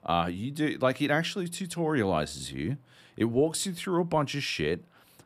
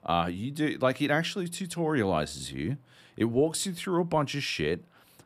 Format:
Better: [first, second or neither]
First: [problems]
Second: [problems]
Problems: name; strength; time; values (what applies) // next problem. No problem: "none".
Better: neither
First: none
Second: none